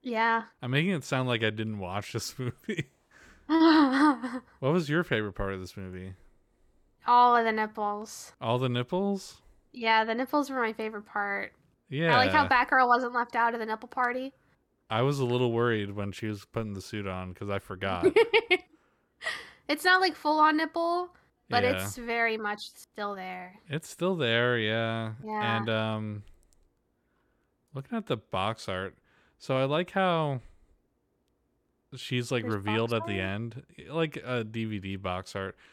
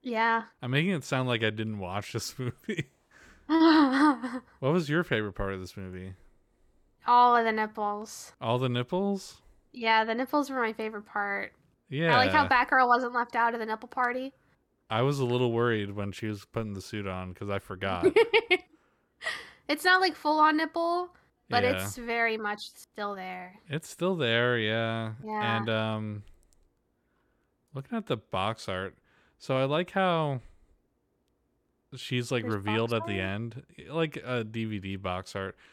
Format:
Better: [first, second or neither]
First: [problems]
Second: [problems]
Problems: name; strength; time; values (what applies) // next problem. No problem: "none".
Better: neither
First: none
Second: none